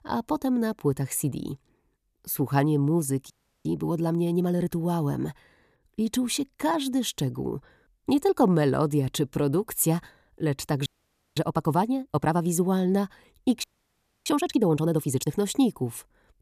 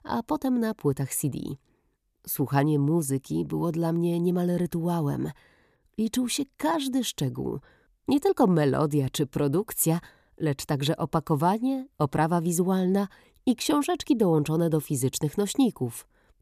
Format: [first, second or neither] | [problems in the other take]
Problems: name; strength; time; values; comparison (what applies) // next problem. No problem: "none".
second | audio freezing; at 3.5 s, at 11 s for 0.5 s and at 14 s for 0.5 s